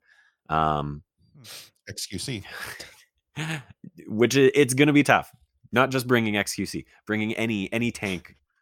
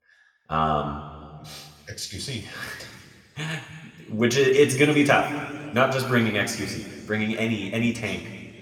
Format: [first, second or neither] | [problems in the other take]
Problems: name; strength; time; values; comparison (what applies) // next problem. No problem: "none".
first | room echo; slight; dies away in 2.1 s